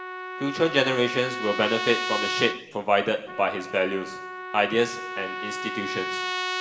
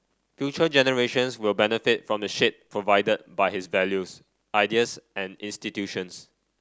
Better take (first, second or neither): second